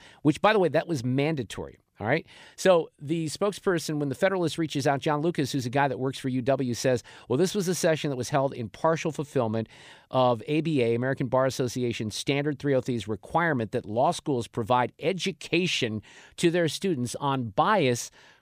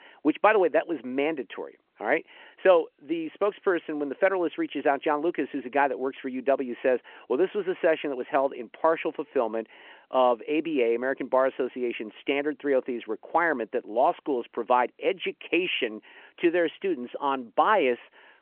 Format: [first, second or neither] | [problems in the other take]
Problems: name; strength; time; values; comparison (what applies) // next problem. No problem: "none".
first | phone-call audio